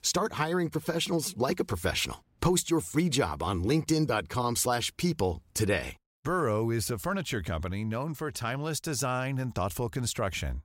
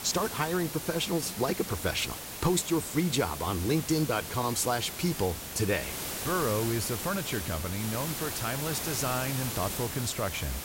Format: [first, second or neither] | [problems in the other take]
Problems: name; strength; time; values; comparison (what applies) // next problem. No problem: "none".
first | hiss; loud; throughout; 5 dB below the speech